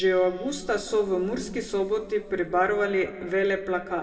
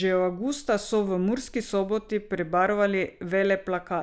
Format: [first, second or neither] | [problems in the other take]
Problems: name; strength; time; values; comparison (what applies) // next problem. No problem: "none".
second | room echo; dies away in 1.7 s